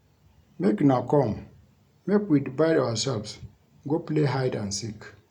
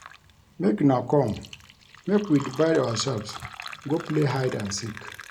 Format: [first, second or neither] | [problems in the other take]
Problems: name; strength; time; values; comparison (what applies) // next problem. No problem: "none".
first | background sound (Fill (with liquid)); 16 dB below the speech